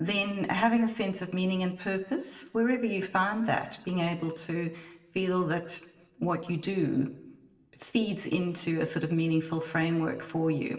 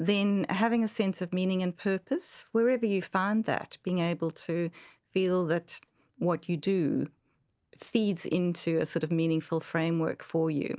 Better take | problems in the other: second | room echo; dies away in 0.8 s

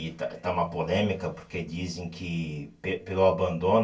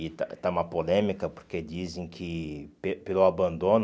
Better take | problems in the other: second | room echo; dies away in 0.2 s

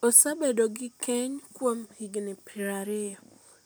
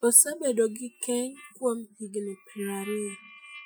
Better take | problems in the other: first | noise reduction (classical method Wiener filter)

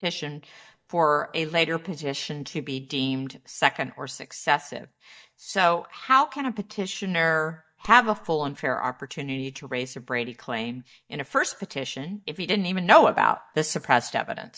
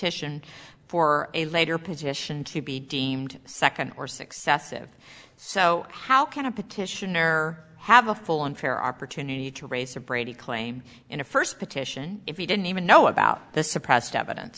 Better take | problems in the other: second | noise reduction (neural mask model DeepFilterNet 3)

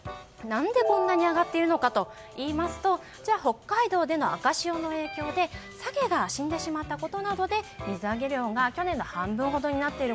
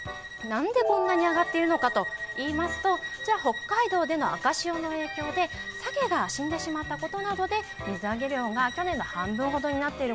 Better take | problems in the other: first | background sound (Bowed string instrument); 10 dB below the speech

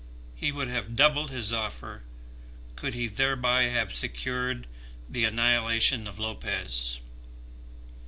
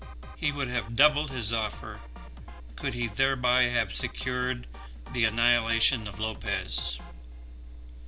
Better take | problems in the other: first | background sound (Drum kit); 18 dB below the speech

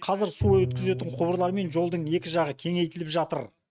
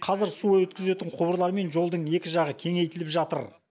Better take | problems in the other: second | noise reduction (neural mask model RNNoise)

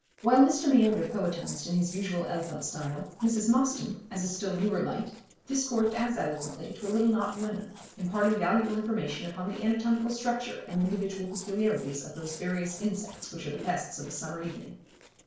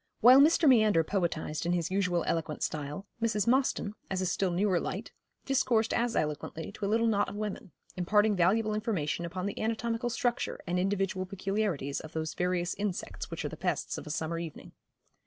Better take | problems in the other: second | noise reduction (neural separator model SepFormer DNS4)

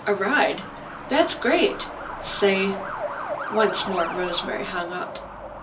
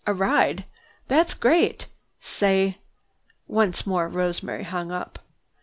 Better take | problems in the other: second | background sound (Truck); 8 dB below the speech // room echo; dies away in 0.3 s

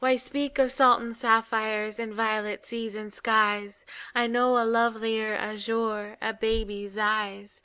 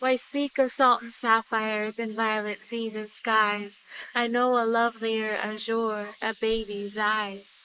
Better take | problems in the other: first | noise reduction (neural mask model Resemble Enhance denoiser)

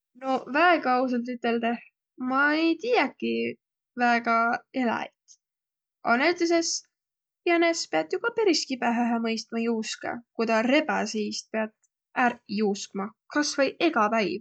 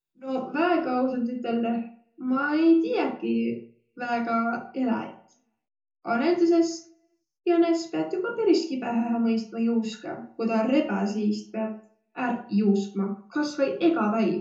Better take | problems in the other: first | room echo; dies away in 0.5 s

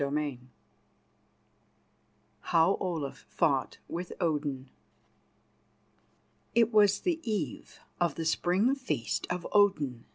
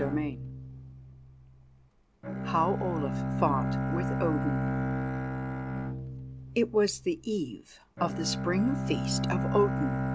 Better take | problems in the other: first | background sound (Bowed string instrument); 1 dB below the speech

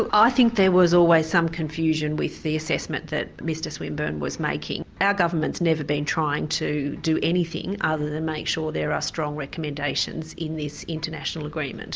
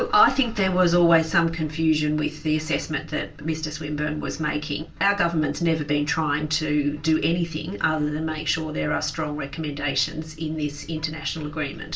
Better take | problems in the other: first | room echo; dies away in 0.2 s

